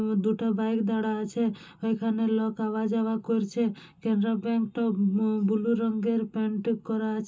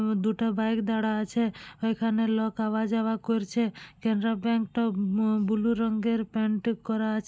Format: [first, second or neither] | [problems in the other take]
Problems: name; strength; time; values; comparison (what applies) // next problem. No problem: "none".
second | room echo; dies away in 0.2 s